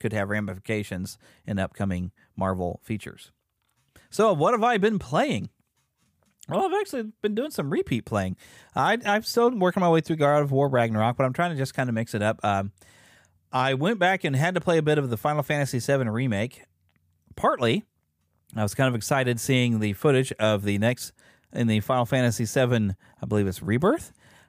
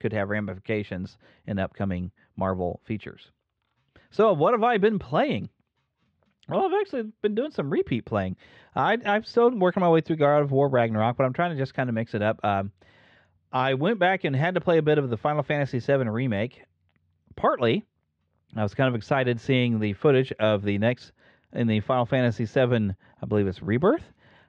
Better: first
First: none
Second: muffled; slightly; fading above 4 kHz

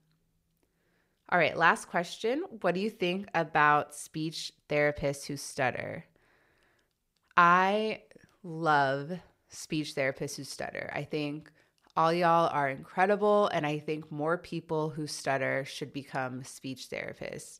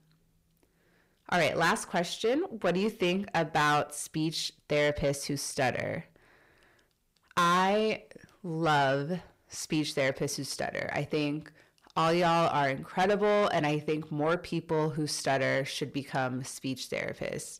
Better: first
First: none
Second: distortion; heavy; 7 dB below the speech

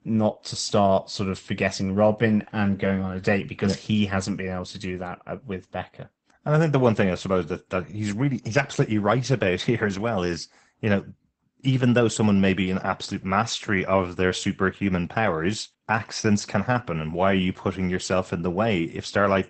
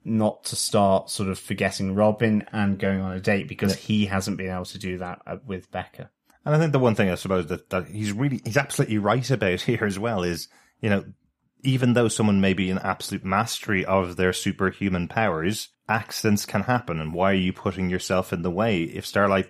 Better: second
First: garbled, watery; badly; nothing above 8 kHz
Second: none

